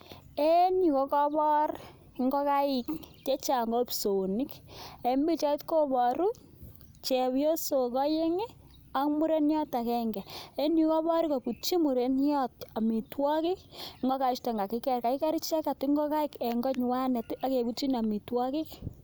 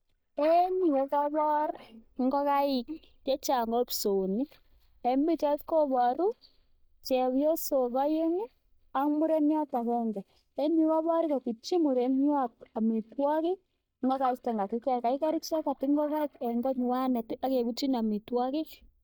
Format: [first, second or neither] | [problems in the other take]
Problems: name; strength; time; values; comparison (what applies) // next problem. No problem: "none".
first | noise reduction (neural mask model DeepFilterNet 3)